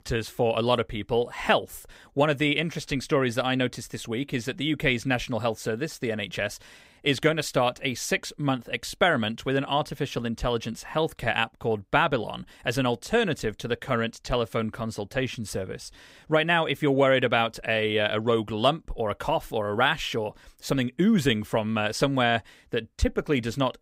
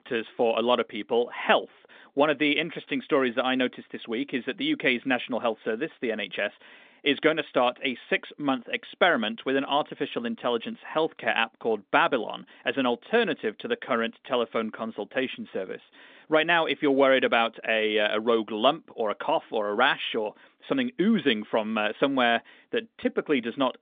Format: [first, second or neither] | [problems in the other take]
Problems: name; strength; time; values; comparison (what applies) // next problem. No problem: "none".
first | phone-call audio; nothing above 3.5 kHz